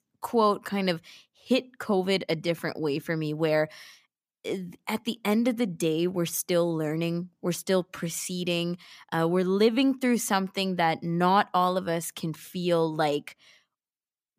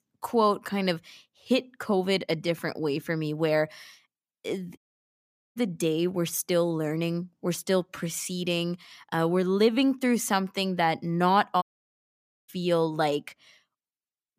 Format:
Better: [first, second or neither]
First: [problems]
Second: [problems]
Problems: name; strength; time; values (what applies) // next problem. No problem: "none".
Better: first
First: none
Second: audio cutting out; at 5 s for 1 s and at 12 s for 1 s